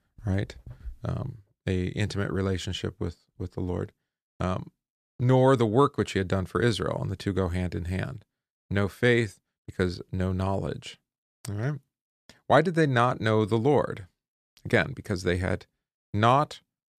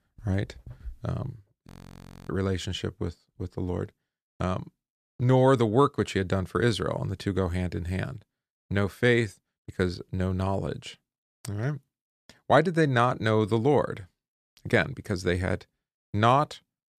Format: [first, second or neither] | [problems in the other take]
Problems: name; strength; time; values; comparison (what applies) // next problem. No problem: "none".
first | audio freezing; at 1.5 s for 0.5 s